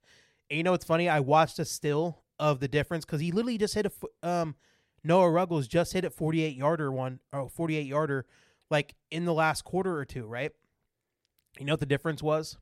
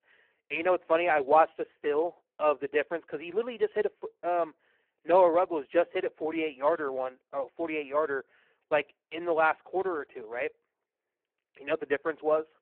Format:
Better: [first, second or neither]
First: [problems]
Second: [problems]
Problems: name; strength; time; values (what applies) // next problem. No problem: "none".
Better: first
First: none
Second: phone-call audio; poor line